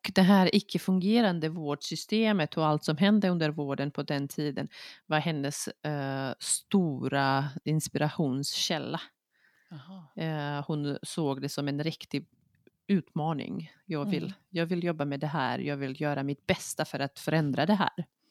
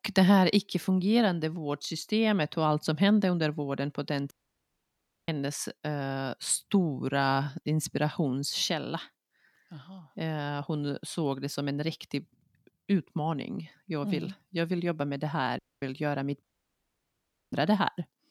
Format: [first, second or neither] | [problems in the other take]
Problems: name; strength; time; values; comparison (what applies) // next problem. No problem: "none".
first | audio cutting out; at 4.5 s for 1 s and at 16 s for 1 s